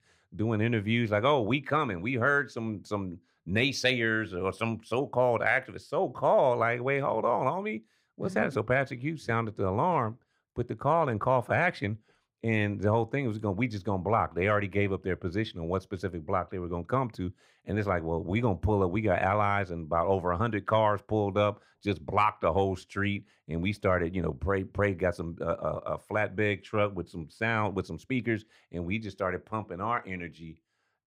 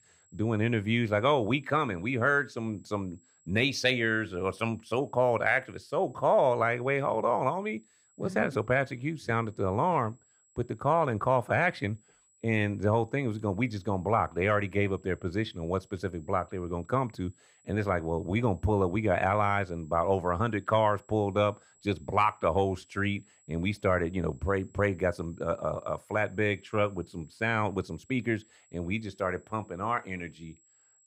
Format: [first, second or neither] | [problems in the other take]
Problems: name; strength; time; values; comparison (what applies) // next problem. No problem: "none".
first | high-pitched whine; faint; throughout; 7.5 kHz, 35 dB below the speech